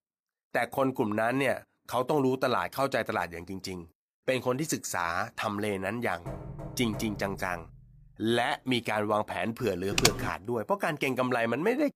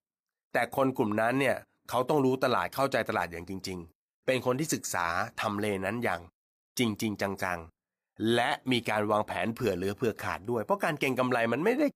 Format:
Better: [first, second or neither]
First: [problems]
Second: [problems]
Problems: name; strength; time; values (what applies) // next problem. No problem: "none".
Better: second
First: door banging; faint; from 6.5 to 8 s; peak 10 dB below the speech // keyboard typing; loud; at 10 s; peak 4 dB above the speech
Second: none